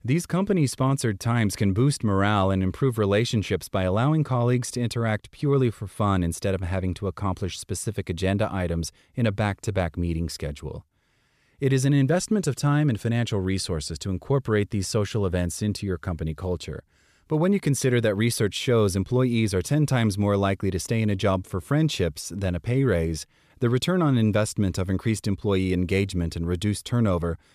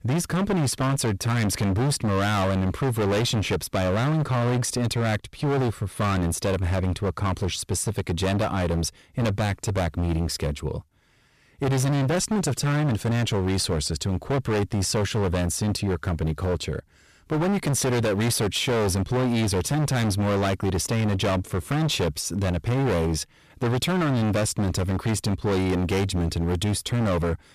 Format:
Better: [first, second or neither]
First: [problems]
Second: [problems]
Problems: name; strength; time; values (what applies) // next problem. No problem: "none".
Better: first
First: none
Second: distortion; heavy; 30% of the sound clipped